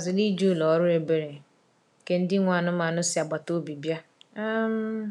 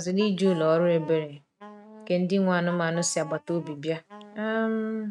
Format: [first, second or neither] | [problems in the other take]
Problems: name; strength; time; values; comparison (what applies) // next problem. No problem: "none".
first | noise reduction (neural mask model RNNoise)